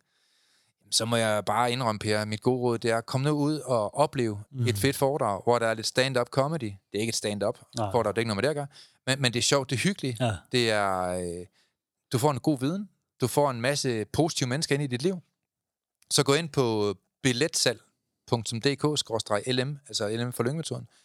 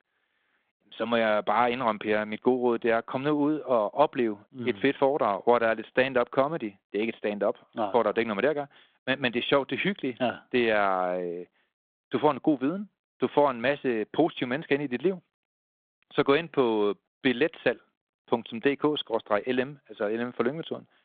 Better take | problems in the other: first | phone-call audio

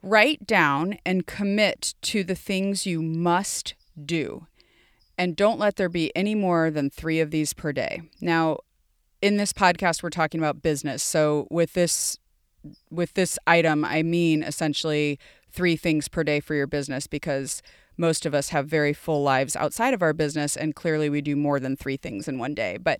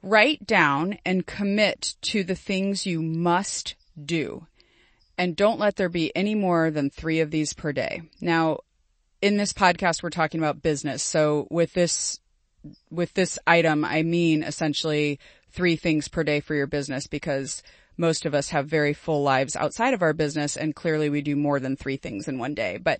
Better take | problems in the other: first | garbled, watery; slightly; nothing above 8 kHz

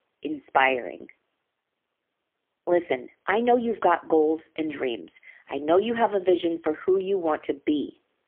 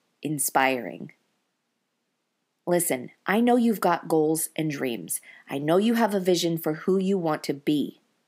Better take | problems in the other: second | phone-call audio; poor line; nothing above 3.5 kHz

